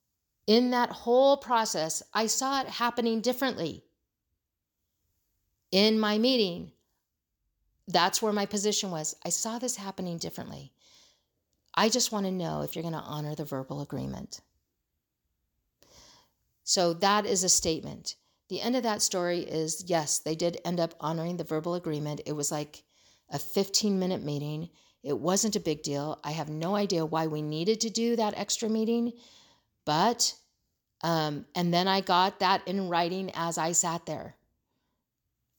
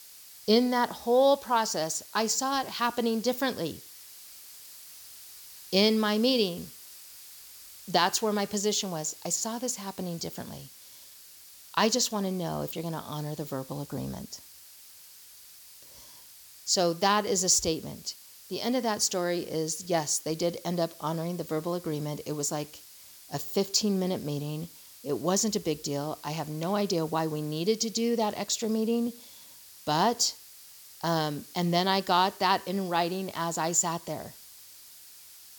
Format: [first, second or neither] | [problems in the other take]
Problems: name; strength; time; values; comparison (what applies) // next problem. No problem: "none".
first | hiss; noticeable; throughout; 20 dB below the speech